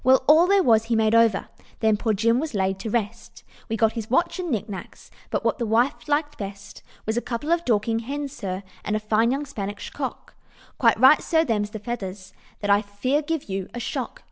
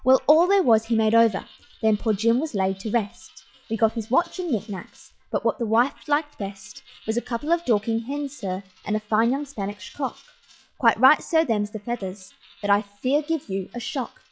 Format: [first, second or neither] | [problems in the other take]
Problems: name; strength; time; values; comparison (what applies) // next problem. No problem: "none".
first | noise reduction (classical method log-MMSE)